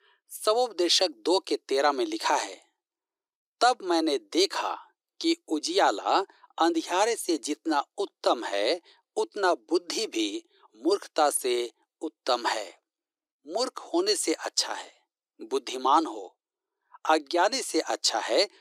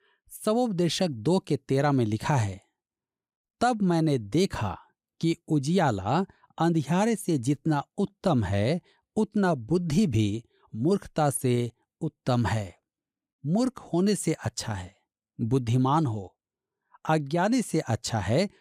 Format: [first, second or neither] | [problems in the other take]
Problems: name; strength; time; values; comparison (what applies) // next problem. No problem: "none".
second | thin; very; fading below 300 Hz